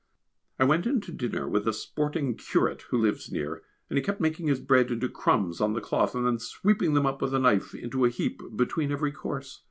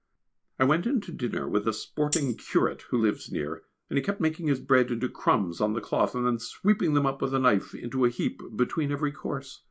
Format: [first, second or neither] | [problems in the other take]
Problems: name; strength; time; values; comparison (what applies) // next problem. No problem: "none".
first | noise reduction (neural mask model Resemble Enhance denoiser)